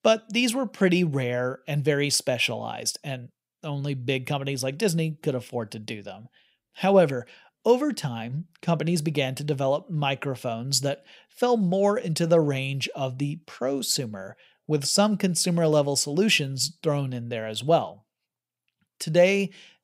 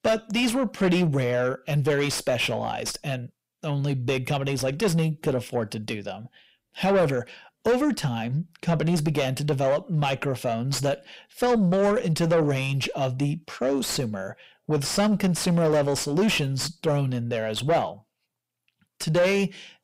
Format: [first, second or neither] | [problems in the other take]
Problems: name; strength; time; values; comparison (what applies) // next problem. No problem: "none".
first | distortion; heavy; 7 dB below the speech